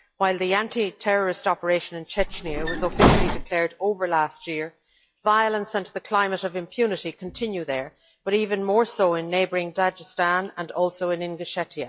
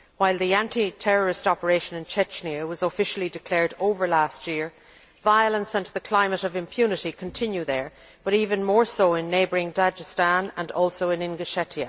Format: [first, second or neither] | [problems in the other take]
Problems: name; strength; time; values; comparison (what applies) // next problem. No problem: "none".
second | noise reduction (classical method log-MMSE)